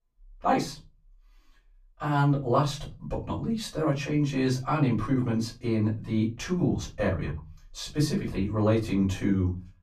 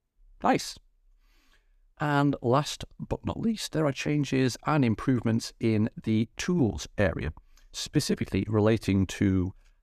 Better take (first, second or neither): second